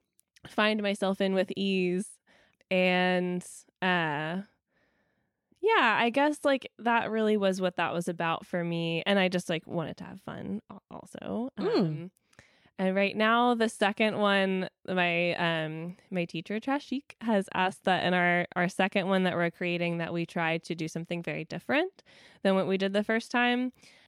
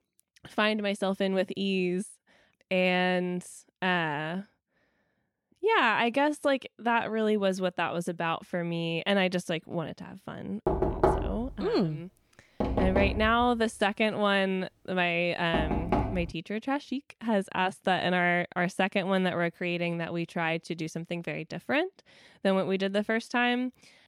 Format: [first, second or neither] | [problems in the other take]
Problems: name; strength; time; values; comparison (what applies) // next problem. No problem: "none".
first | door banging; loud; from 11 to 16 s; peak 2 dB above the speech